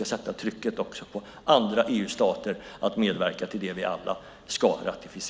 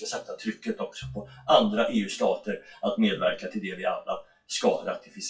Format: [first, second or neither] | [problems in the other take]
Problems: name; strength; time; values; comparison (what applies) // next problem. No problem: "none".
first | noise reduction (classical method WPE with log-MMSE)